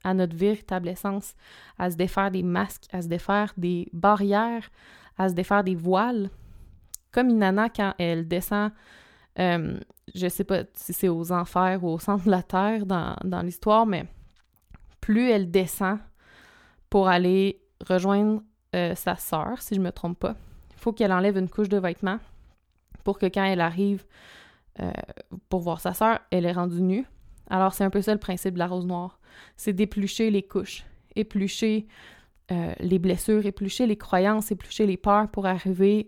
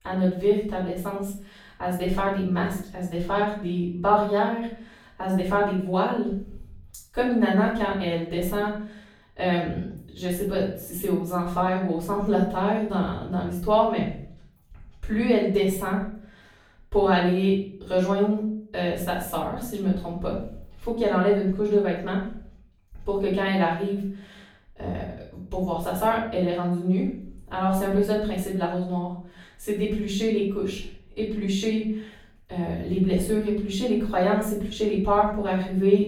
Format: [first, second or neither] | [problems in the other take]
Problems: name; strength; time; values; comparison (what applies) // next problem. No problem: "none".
first | room echo; noticeable; dies away in 0.5 s // off-mic speech; far